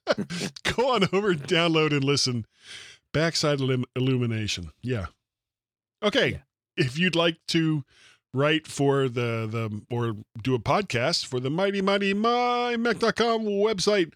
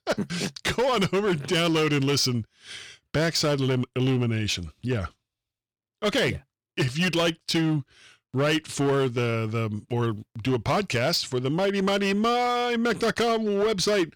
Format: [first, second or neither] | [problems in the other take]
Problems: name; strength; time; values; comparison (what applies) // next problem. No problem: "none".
first | distortion; slight; 11% of the sound clipped